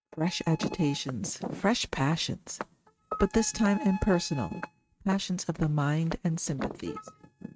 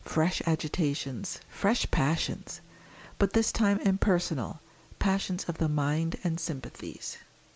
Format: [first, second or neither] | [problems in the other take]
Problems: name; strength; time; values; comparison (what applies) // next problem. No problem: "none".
second | noise reduction (neural mask model RNNoise)